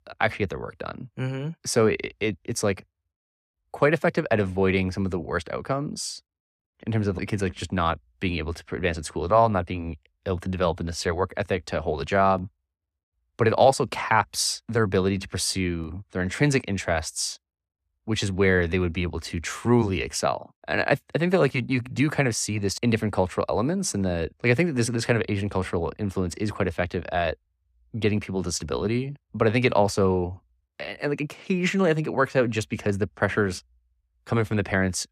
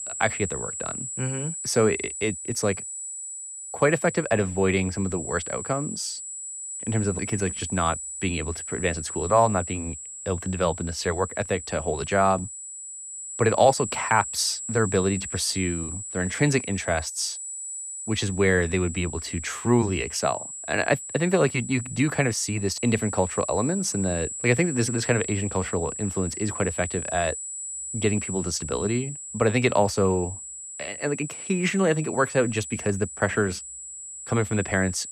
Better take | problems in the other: first | high-pitched whine; loud; throughout; 7.5 kHz, 8 dB below the speech

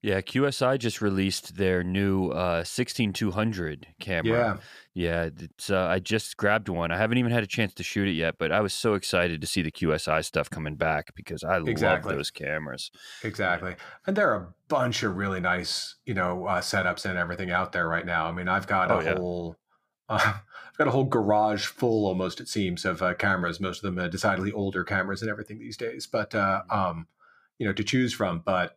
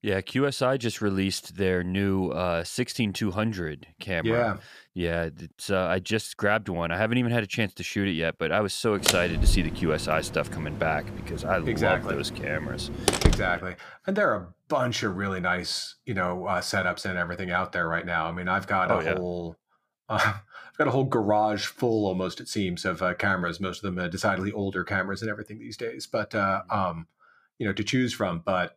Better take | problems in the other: first | door banging; loud; from 9 to 13 s; peak 4 dB above the speech

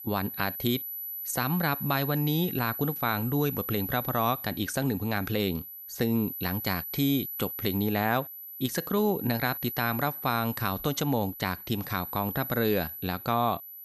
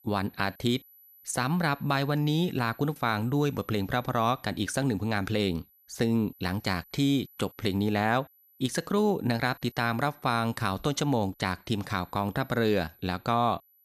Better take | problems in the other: second | high-pitched whine; loud; throughout; 12 kHz, 6 dB below the speech; faint in the second

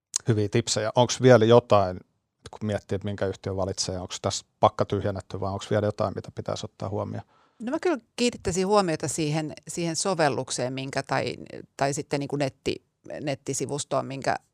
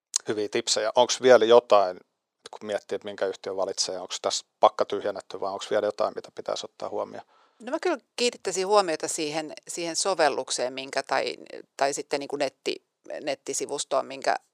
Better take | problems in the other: first | thin; somewhat; fading below 450 Hz

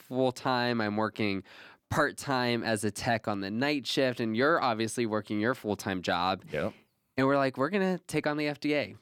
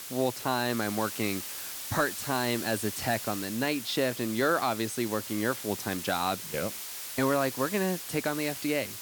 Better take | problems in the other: first | hiss; loud; throughout; 6 dB below the speech

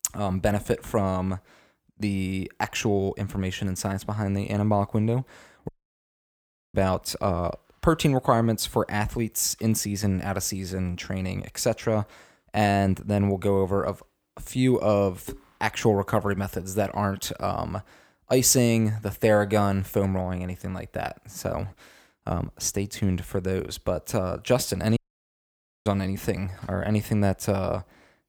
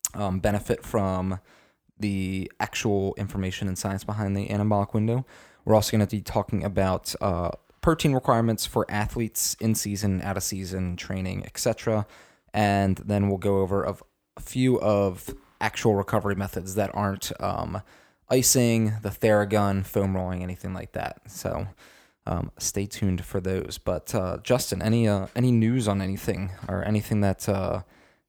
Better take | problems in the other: second | audio cutting out; at 5.5 s for 1 s and at 25 s for 1 s

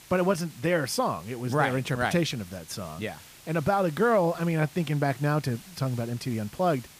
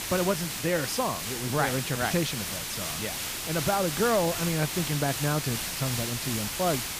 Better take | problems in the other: first | hiss; loud; throughout; 2 dB below the speech; faint in the first

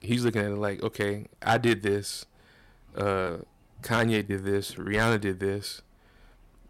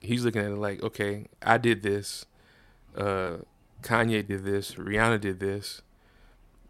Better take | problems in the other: second | distortion; slight; 1.2% of the sound clipped

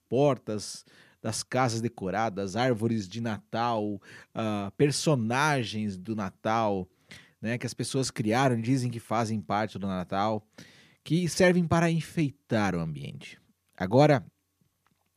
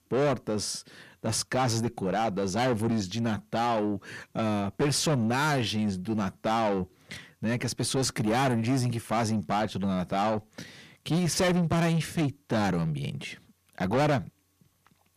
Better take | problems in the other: first | distortion; heavy; 6 dB below the speech

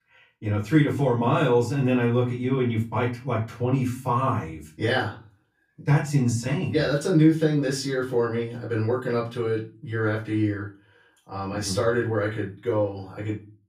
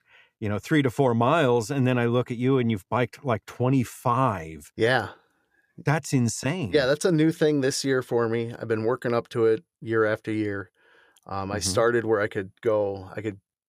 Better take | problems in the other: second | off-mic speech; far // room echo; slight; dies away in 0.3 s

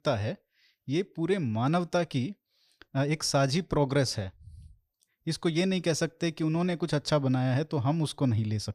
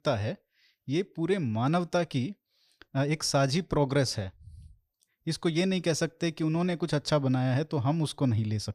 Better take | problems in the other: neither | none

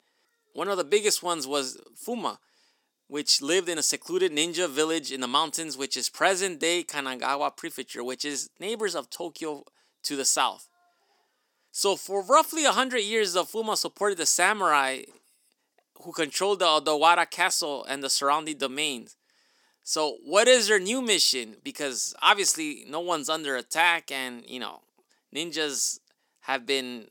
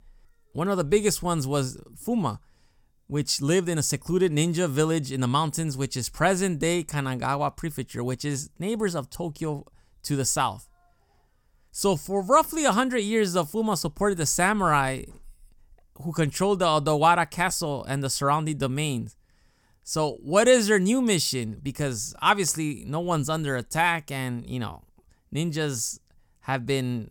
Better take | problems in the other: second | thin; somewhat; fading below 300 Hz

